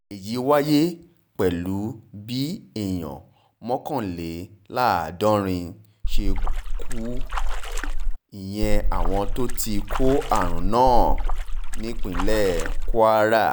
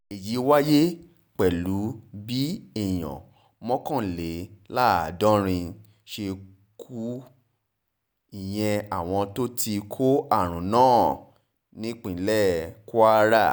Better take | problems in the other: second | background sound (Splash, splatter); 5 dB above the speech

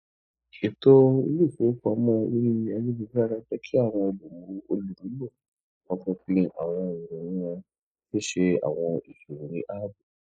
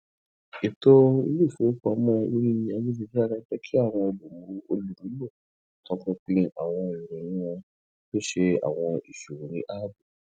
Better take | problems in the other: second | noise reduction (neural mask model Resemble Enhance denoiser)

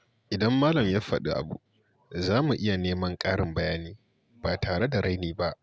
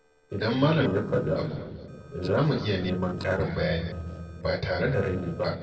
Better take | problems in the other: first | noise reduction (neural separator model SepFormer DNS4)

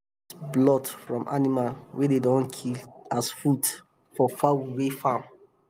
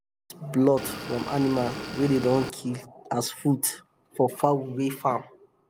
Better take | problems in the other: first | background sound (Motor vehicle (road) / Engine); 9 dB below the speech

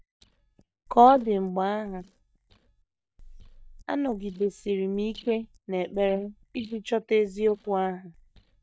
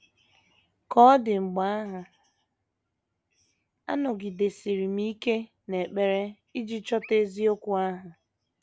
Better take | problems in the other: second | noise reduction (neural mask model DeepFilterNet 3)

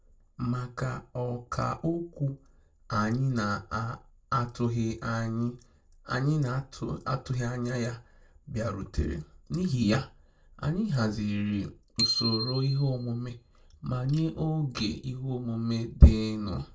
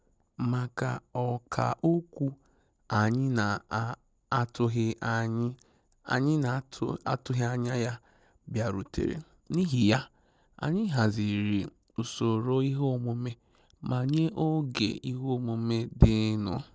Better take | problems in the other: second | background sound (Bicycle bell); 7 dB below the speech // room echo; dies away in 0.2 s

